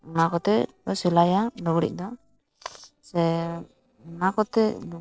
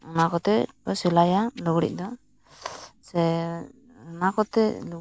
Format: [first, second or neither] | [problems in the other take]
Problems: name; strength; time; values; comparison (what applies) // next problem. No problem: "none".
second | noise reduction (neural separator model SepFormer DNS4)